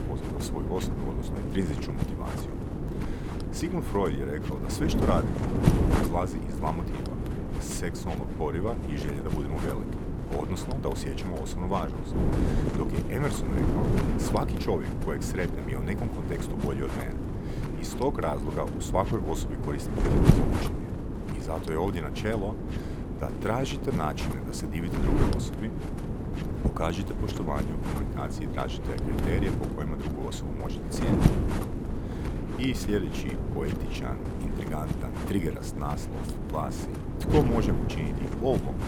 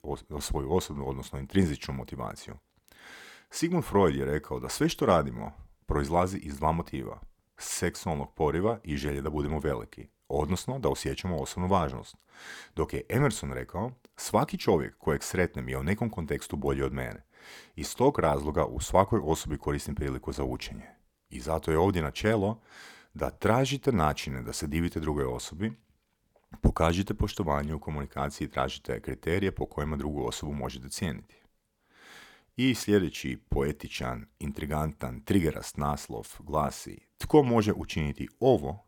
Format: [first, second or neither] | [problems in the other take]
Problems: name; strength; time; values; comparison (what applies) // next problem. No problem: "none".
second | wind noise on the microphone; heavy; 2 dB below the speech